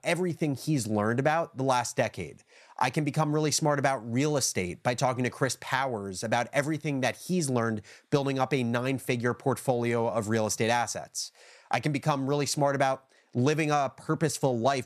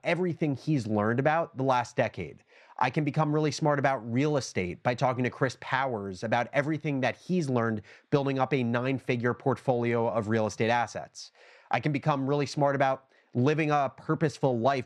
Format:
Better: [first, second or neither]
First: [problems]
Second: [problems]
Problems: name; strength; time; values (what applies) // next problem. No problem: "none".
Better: first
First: none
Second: muffled; slightly; fading above 3.5 kHz